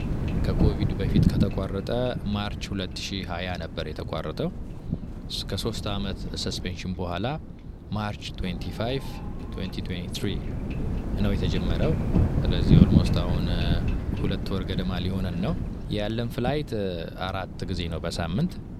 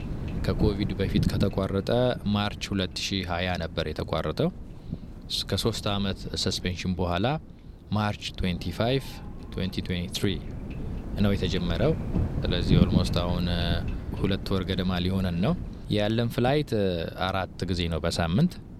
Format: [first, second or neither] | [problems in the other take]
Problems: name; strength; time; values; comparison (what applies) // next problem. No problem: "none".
second | wind noise on the microphone; heavy; 4 dB below the speech; occasional gusts in the second